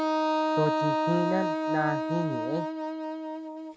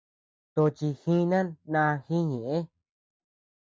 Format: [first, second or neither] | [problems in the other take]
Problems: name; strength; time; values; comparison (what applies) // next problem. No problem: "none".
second | background sound (Wind instrument, woodwind instrument); 4 dB above the speech